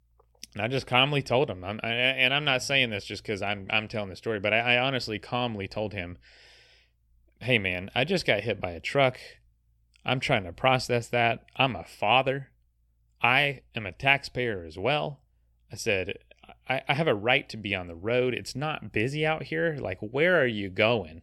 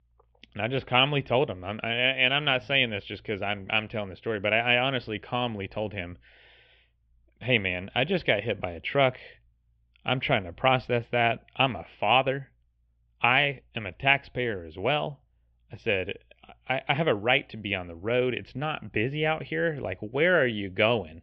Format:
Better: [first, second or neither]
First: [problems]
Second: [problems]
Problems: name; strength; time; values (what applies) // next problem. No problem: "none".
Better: first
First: none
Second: muffled; very; fading above 3.5 kHz